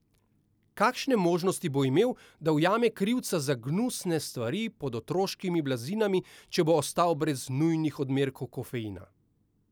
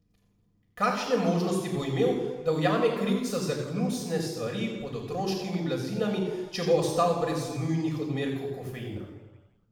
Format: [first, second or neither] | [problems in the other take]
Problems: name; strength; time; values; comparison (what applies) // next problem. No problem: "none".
first | room echo; dies away in 1.1 s